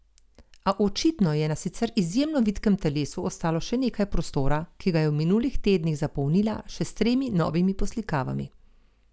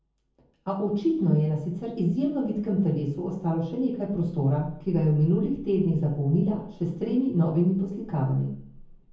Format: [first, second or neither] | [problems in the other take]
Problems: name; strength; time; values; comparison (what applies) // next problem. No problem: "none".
first | room echo; dies away in 0.7 s